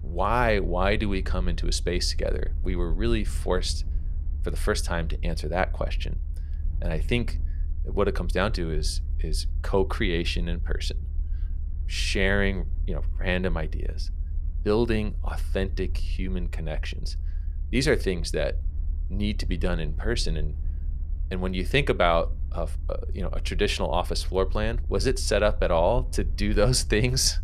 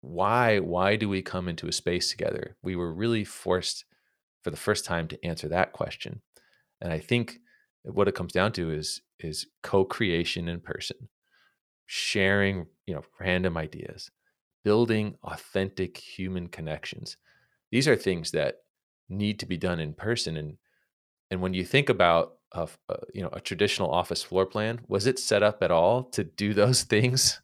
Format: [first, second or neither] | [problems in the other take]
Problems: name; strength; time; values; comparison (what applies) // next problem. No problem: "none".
second | low rumble; faint; throughout; 25 dB below the speech